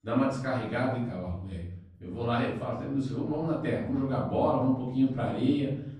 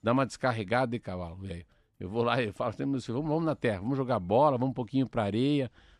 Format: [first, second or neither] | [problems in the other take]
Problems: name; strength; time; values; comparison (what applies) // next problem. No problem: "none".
second | off-mic speech; far // room echo; noticeable; dies away in 0.8 s